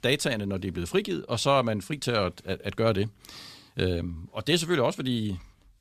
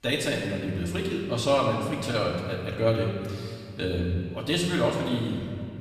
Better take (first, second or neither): first